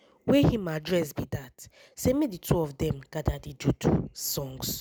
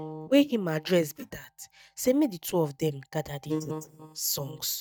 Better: first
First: none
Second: noise reduction (neural mask model DeepFilterNet 3)

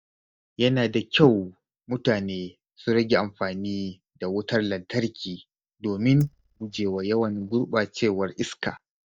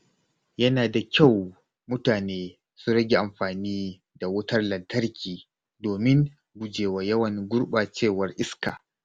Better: second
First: noise reduction (neural mask model DeepFilterNet 3)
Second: none

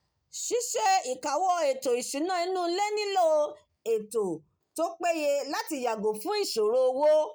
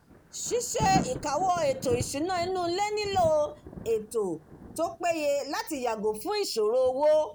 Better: first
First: none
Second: background sound (Thunder); 12 dB below the speech

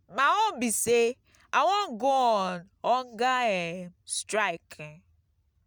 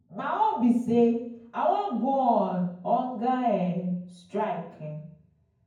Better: first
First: none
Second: room echo; dies away in 0.9 s

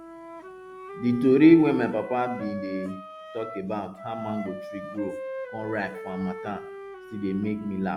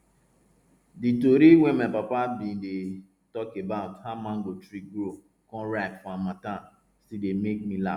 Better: second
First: background sound (Wind instrument, woodwind instrument); 12 dB below the speech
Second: none

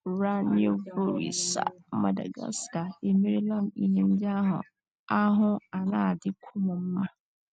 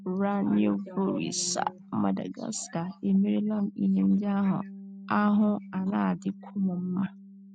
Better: first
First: none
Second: background sound (Bass guitar); 18 dB below the speech

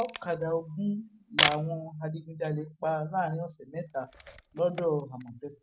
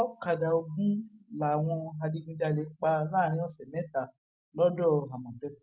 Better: second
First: background sound (Camera); 5 dB below the speech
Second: none

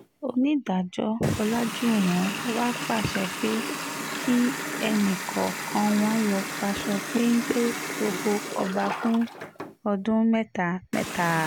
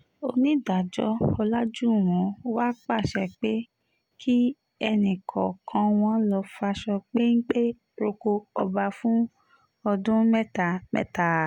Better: second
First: background sound (Water tap, faucet); 7 dB below the speech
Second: none

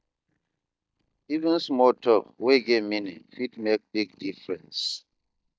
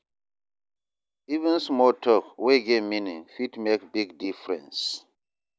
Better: second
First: noise reduction (neural mask model DeepFilterNet 3)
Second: none

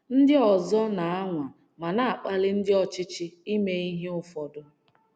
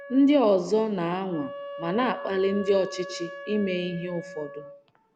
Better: first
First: none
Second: background sound (Wind instrument, woodwind instrument); 14 dB below the speech

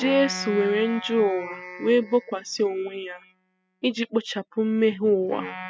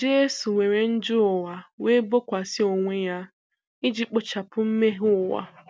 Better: second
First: noise reduction (classical method spectral subtraction)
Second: none

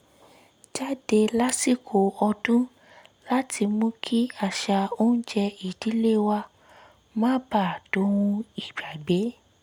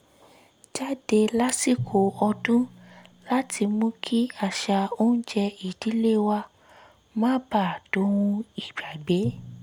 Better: first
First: none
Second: background sound (Drum); 18 dB below the speech

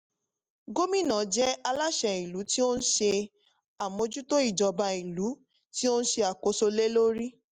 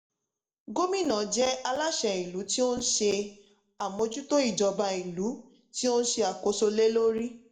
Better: first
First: none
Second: room echo; dies away in 0.5 s

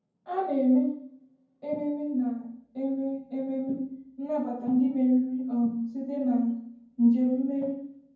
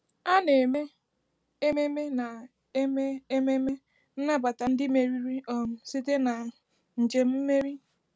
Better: second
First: room echo; dies away in 0.9 s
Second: none

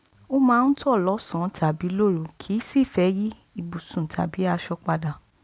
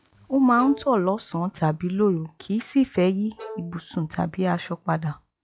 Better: first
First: none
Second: noise reduction (classical method log-MMSE)

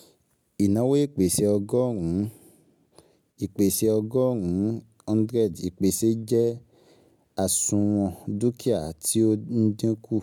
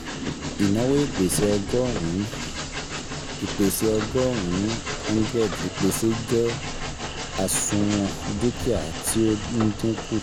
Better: first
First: none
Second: background sound (Train); 6 dB below the speech

